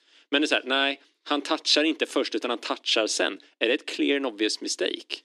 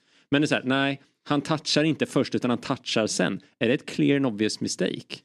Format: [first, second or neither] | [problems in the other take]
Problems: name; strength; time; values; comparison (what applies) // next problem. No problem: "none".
second | thin; somewhat; fading below 300 Hz